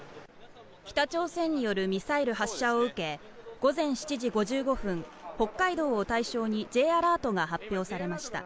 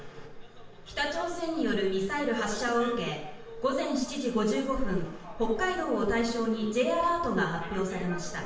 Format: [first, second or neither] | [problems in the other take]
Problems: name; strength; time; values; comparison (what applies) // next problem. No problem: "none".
first | room echo; dies away in 0.7 s